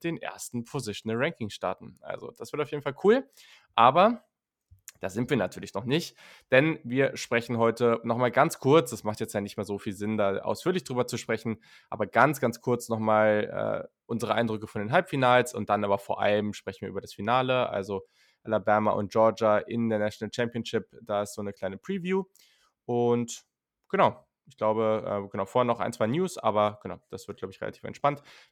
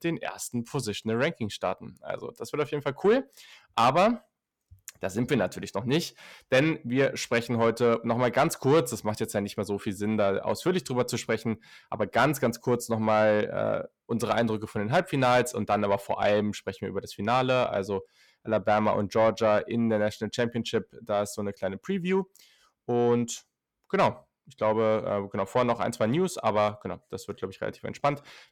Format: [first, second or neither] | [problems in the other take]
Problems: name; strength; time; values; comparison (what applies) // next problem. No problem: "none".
first | distortion; slight; 10 dB below the speech